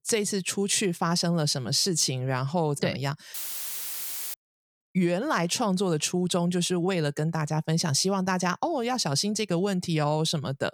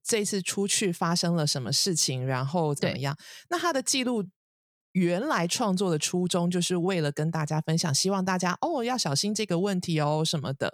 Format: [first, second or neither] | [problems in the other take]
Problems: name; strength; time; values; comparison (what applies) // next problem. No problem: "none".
second | audio cutting out; filled with static; at 3.5 s for 1 s